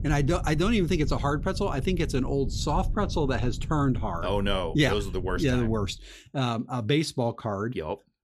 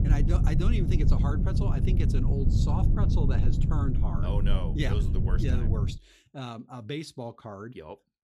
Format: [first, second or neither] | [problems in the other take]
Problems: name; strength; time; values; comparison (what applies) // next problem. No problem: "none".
first | low rumble; loud; until 6 s; 1 dB below the speech; faint in the first